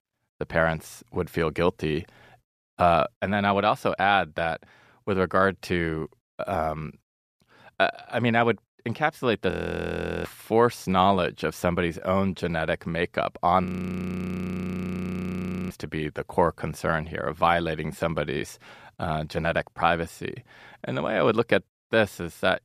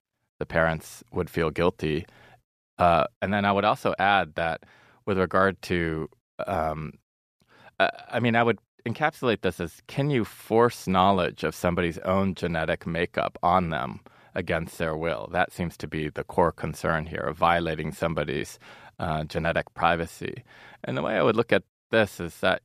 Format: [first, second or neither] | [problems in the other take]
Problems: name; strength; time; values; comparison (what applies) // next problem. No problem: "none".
second | audio freezing; at 9.5 s for 0.5 s and at 14 s for 2 s